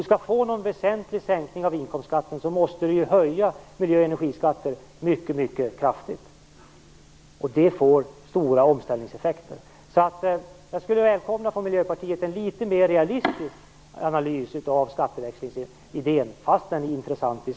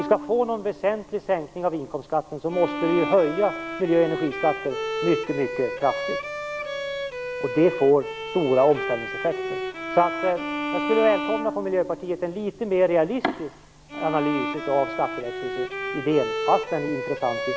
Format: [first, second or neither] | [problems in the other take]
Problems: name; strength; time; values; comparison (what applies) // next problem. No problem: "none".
first | background sound (Bowed string instrument); 6 dB below the speech